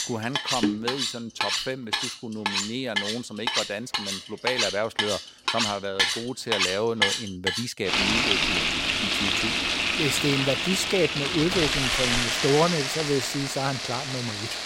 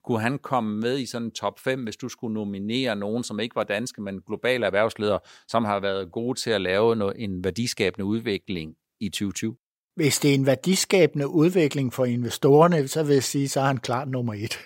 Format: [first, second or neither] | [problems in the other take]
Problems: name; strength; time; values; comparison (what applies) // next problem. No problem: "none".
second | household noises; very loud; throughout; 4 dB above the speech